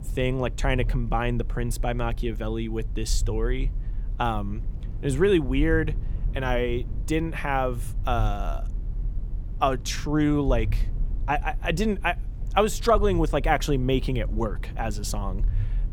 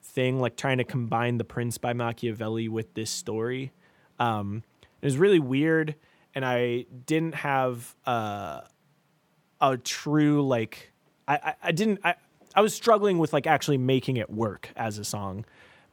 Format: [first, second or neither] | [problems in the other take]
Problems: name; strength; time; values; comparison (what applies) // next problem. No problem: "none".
second | low rumble; faint; throughout; 25 dB below the speech